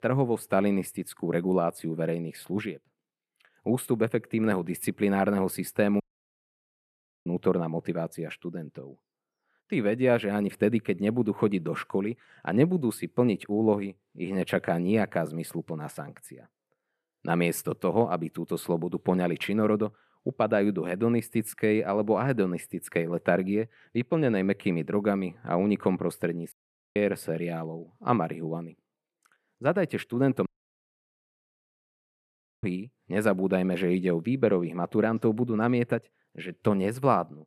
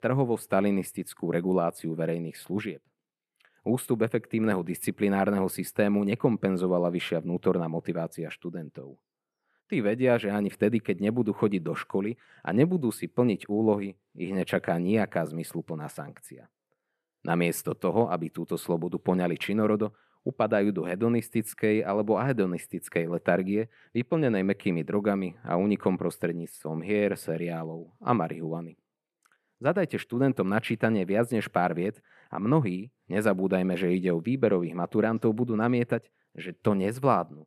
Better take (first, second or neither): second